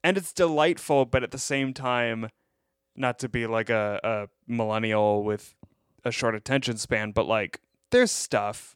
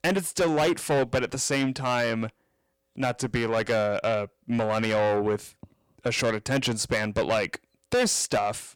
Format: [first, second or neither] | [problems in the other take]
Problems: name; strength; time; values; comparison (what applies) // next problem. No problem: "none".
first | distortion; heavy; 6 dB below the speech